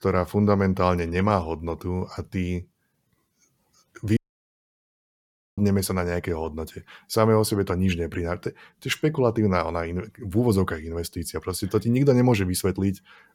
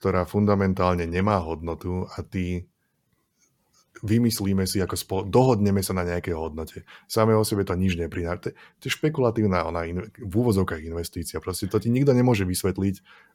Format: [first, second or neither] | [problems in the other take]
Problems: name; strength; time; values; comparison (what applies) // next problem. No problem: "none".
second | audio cutting out; at 4 s for 1.5 s